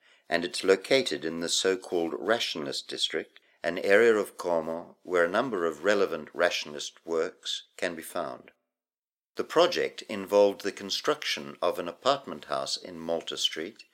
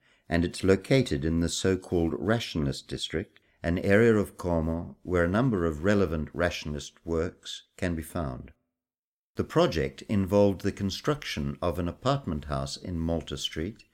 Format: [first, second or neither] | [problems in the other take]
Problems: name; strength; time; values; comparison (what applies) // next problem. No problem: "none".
second | thin; somewhat; fading below 500 Hz